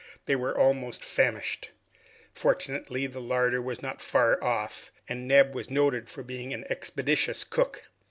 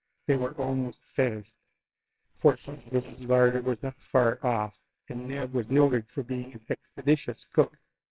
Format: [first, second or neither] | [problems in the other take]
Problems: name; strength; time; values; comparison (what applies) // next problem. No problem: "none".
first | noise reduction (neural separator model SepFormer WHAMR!)